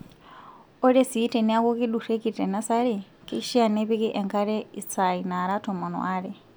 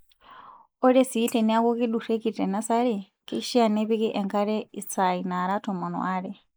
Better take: first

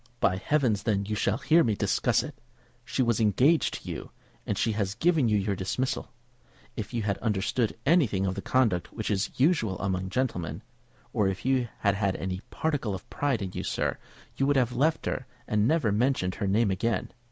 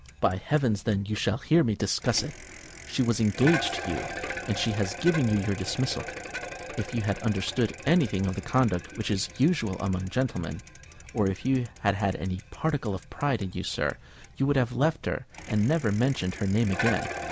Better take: first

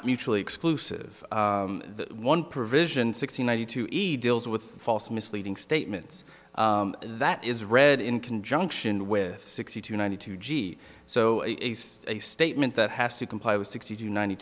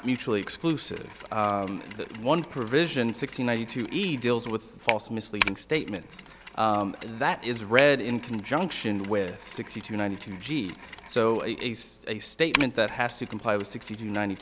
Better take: first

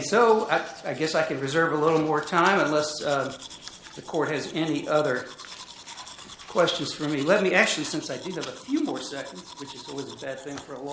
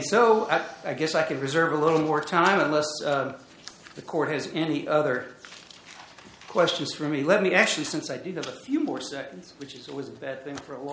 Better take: second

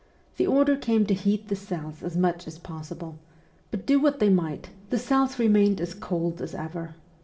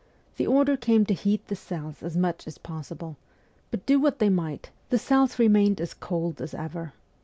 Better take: second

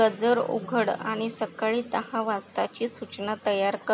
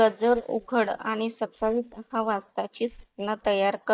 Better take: first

